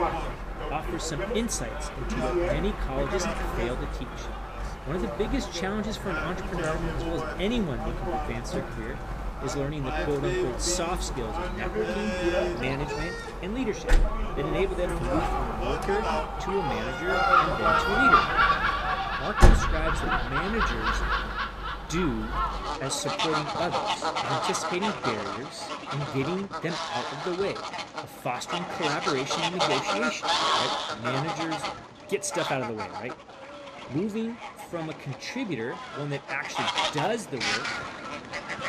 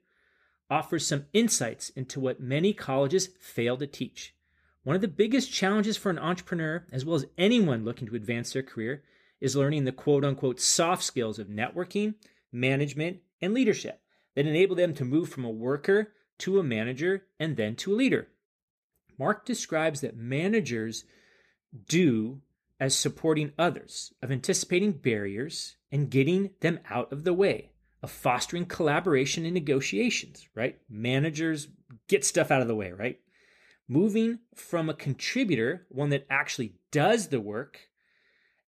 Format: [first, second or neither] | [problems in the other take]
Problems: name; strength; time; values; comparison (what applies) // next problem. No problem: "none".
second | animal sounds; very loud; throughout; 4 dB above the speech